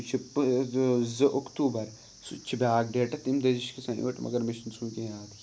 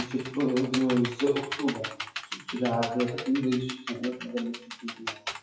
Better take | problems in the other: first | noise reduction (classical method WPE with log-MMSE)

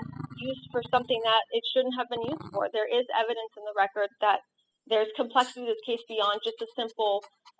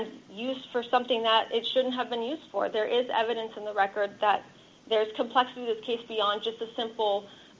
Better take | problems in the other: second | noise reduction (classical method spectral subtraction)

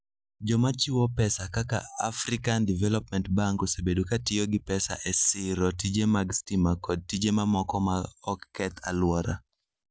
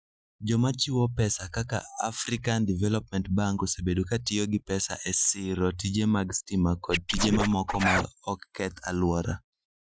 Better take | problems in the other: first | noise reduction (classical method Wiener filter)

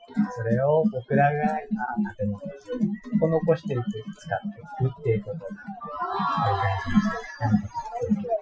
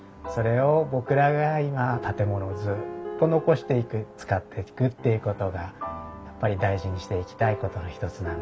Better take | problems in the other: second | noise reduction (classical method Wiener filter)

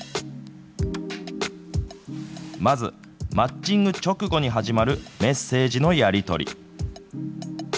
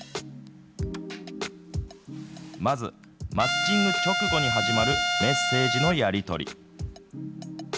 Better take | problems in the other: first | background sound (Trumpet); 3 dB above the speech

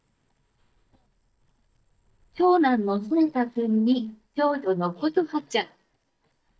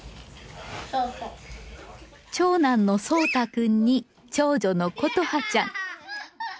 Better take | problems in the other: second | noise reduction (neural mask model DeepFilterNet 3)

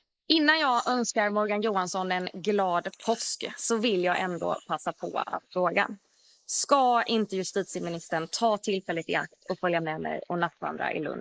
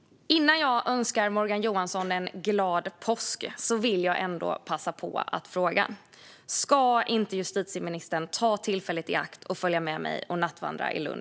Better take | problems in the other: second | noise reduction (neural mask model Resemble Enhance denoiser)

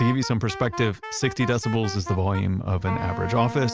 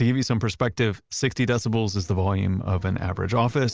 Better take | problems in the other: second | background sound (Wind instrument, woodwind instrument); 11 dB below the speech

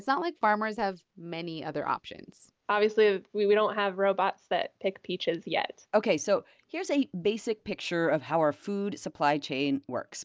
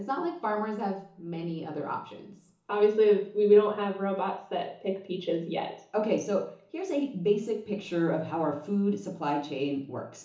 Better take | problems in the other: first | room echo; dies away in 0.8 s

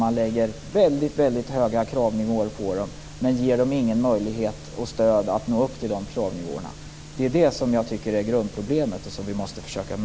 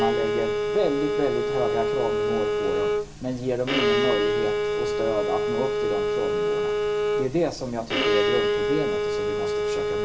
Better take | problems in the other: first | background sound (Bowed string instrument); 5 dB above the speech // room echo; dies away in 0.4 s

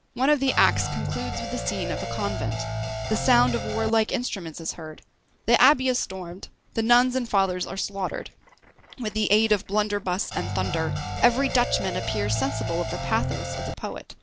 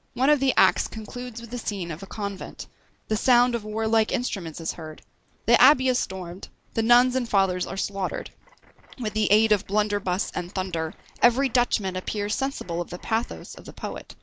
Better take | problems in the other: second | background sound (Guitar); 3 dB below the speech

